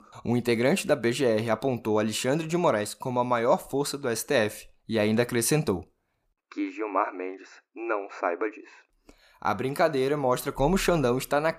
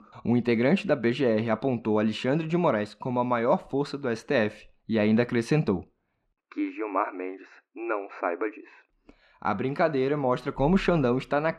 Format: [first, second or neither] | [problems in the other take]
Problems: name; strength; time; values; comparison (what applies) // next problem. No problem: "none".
first | muffled; slightly; fading above 3 kHz